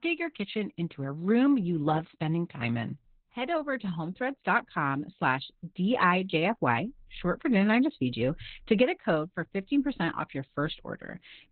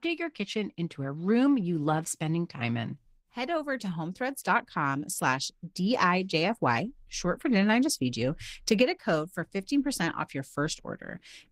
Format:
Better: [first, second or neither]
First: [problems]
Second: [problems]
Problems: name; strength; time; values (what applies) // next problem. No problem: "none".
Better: second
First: garbled, watery; badly; nothing above 4 kHz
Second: garbled, watery; slightly; nothing above 15.5 kHz